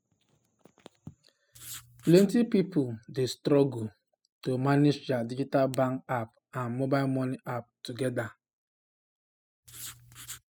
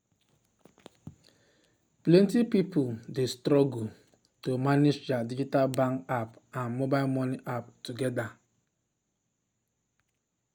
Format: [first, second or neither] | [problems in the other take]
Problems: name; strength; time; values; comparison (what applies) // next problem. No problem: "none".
second | noise reduction (classical method spectral subtraction)